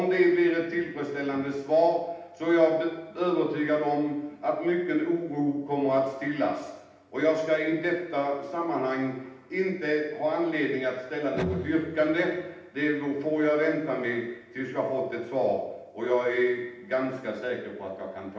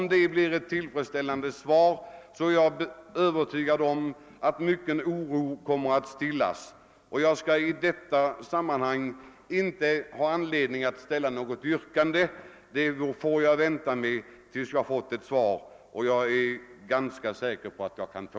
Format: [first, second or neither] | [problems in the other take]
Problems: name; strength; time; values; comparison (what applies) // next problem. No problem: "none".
second | background sound (Electric guitar); 10 dB below the speech // room echo; dies away in 0.8 s